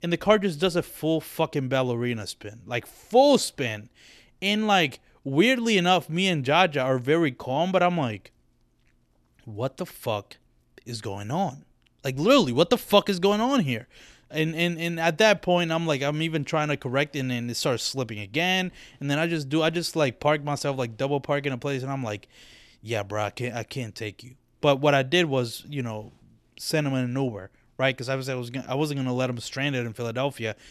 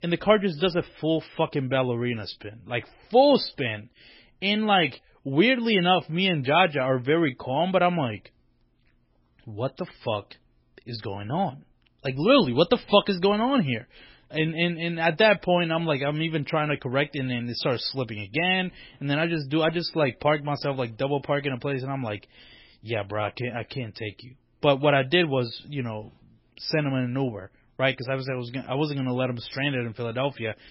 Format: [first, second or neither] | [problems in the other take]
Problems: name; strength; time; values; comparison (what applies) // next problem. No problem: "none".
first | garbled, watery; badly; nothing above 5.5 kHz